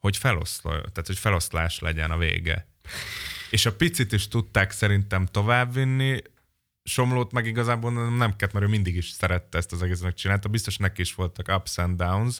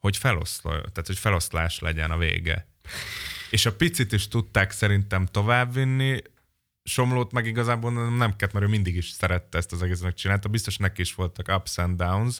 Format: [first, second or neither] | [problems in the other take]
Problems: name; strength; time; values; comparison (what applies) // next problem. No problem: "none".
neither | none